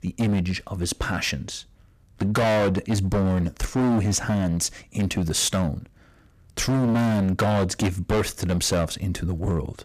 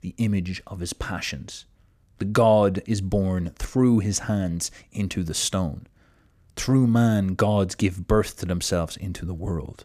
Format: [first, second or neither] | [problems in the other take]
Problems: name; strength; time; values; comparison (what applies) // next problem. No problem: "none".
second | distortion; heavy; 18% of the sound clipped